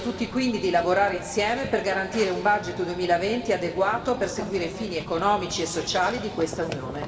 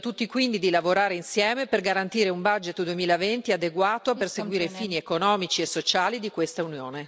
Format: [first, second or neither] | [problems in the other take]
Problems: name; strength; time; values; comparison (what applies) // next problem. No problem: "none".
second | background sound (Run / Train); 13 dB below the speech // room echo; dies away in 2 s